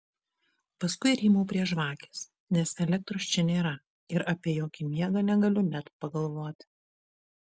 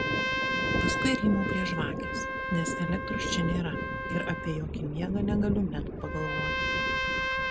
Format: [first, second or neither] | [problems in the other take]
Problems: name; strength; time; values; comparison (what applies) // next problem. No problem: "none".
first | background sound (Trumpet + Thunder); 2 dB above the speech